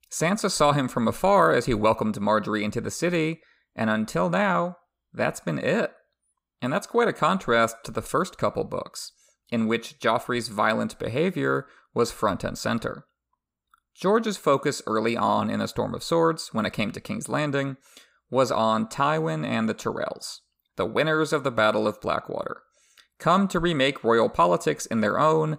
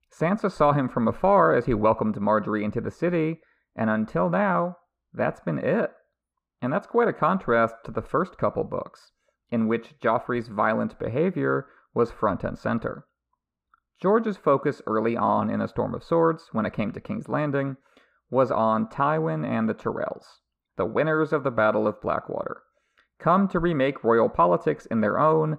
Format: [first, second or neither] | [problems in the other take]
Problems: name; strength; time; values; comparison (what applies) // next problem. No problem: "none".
first | muffled; very; fading above 3.5 kHz